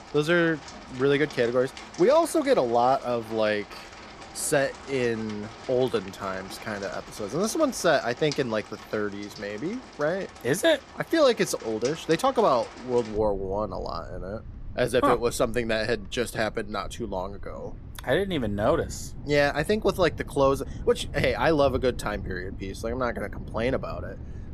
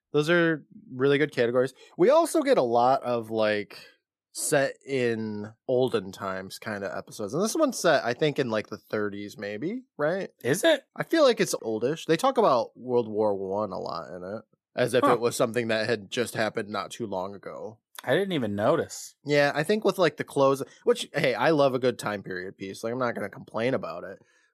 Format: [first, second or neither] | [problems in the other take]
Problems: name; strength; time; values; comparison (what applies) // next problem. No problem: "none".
second | rain or running water; noticeable; throughout; 15 dB below the speech